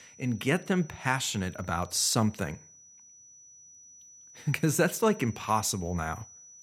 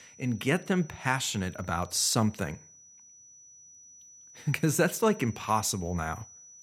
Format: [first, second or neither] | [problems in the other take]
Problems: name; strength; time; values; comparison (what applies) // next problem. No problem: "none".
neither | high-pitched whine; faint; throughout; 6 kHz, 20 dB below the speech; the same in both